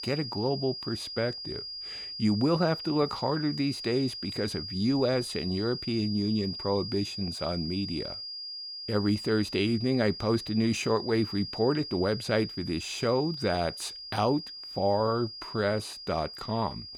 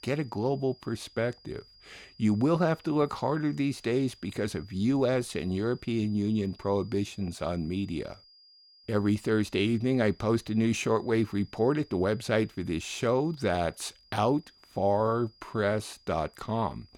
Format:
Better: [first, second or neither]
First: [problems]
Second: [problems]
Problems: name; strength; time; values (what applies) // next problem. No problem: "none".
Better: second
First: high-pitched whine; loud; throughout; 5 kHz, 8 dB below the speech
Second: high-pitched whine; faint; throughout; 5 kHz, 25 dB below the speech